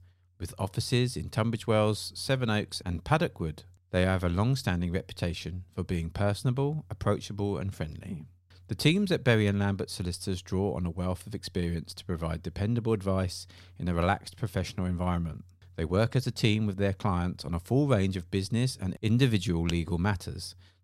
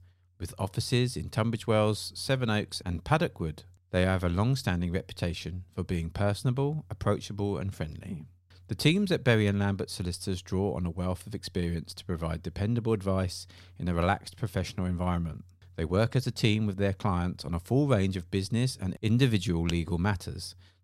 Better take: neither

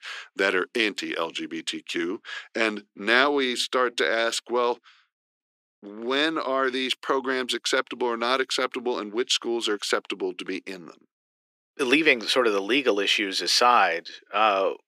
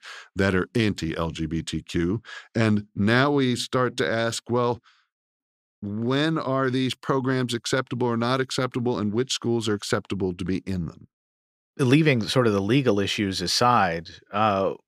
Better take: second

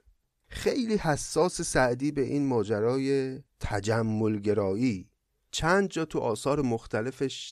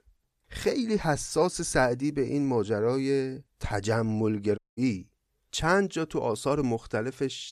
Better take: first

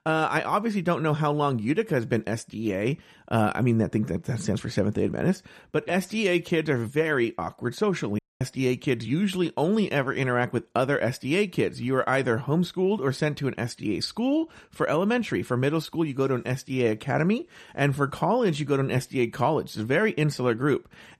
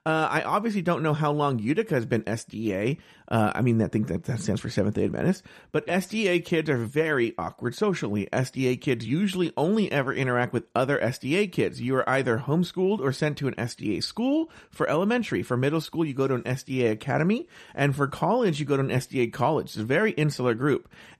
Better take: second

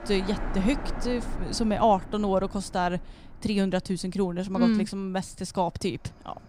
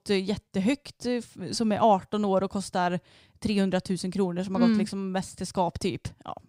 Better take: second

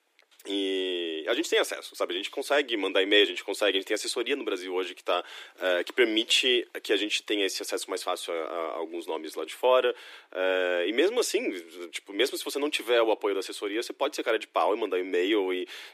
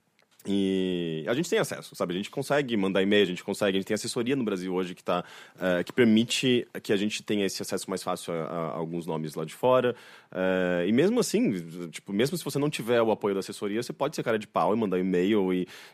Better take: second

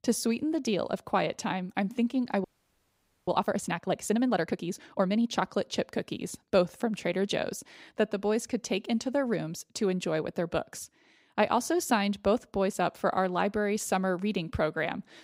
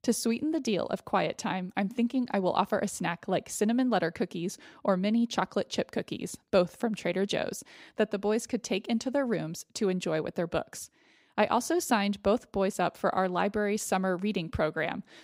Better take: second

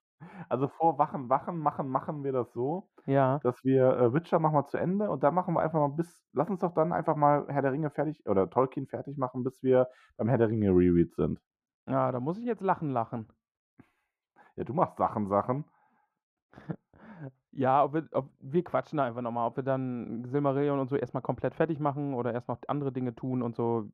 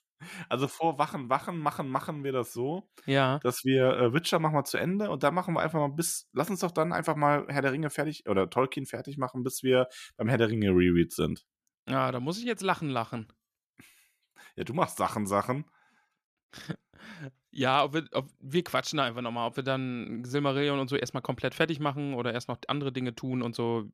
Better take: second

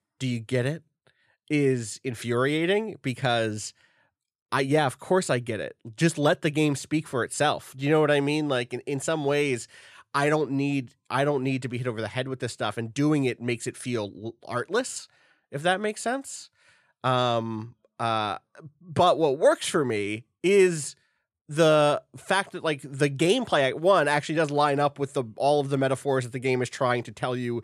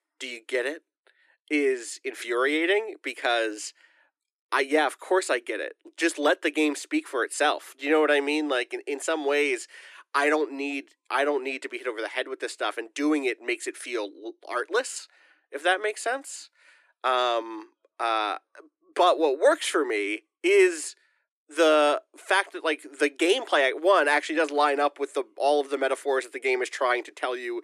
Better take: first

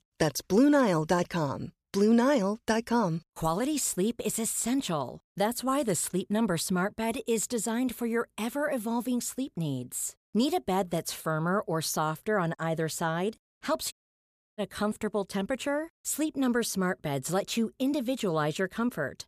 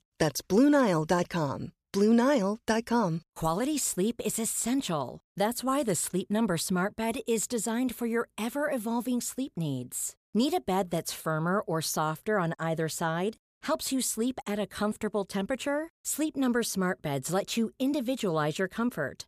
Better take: second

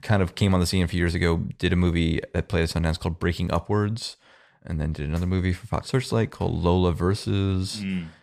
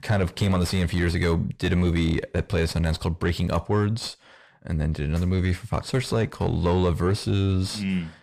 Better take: first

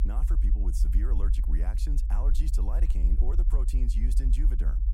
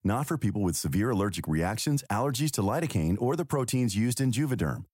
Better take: second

